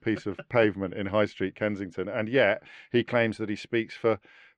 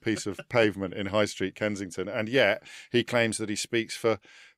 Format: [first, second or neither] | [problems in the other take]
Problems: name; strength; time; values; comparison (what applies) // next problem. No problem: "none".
second | muffled; slightly; fading above 2.5 kHz